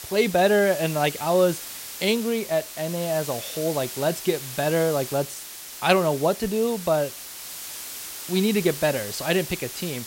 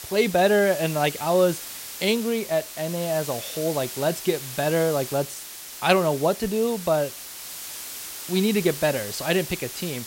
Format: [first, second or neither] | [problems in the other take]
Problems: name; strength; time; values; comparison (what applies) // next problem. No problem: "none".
neither | hiss; loud; throughout; 10 dB below the speech; the same in both